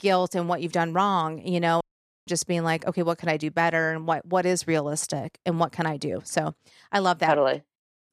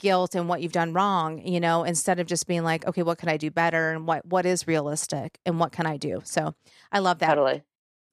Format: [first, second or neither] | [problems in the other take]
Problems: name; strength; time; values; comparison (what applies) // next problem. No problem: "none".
second | audio cutting out; at 2 s